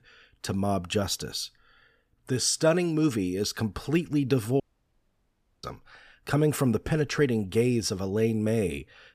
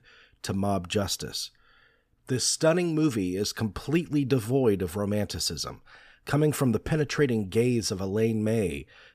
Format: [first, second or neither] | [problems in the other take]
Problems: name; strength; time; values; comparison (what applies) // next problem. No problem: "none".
second | audio cutting out; at 4.5 s for 1 s